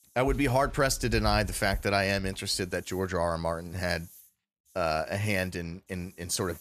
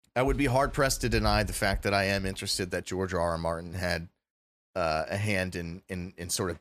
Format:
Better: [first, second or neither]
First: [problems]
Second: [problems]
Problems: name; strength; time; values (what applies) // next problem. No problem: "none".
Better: second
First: hiss; faint; throughout; 25 dB below the speech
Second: none